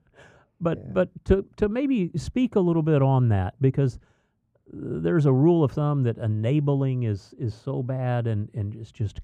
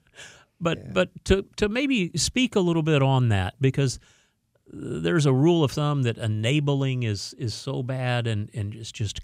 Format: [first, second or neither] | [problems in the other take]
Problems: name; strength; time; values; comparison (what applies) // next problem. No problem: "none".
second | muffled; very; fading above 2 kHz